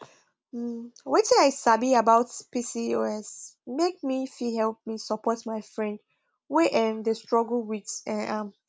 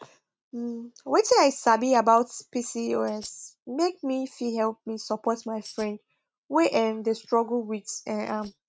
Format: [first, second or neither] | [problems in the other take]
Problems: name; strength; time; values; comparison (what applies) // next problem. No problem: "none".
first | noise reduction (neural mask model RNNoise)